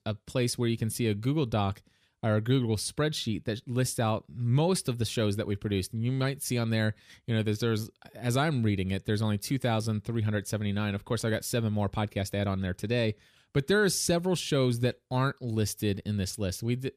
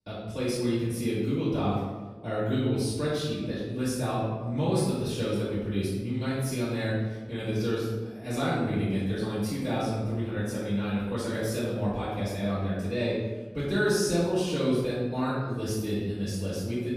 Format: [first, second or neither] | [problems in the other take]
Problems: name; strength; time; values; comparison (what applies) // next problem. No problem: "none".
first | off-mic speech; far // room echo; strong; dies away in 1.2 s